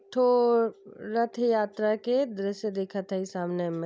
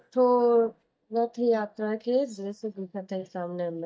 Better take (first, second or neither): first